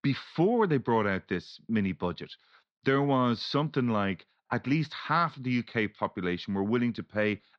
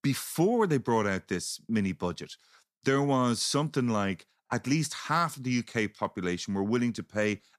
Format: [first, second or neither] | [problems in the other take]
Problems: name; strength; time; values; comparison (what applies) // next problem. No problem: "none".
second | muffled; slightly; fading above 4 kHz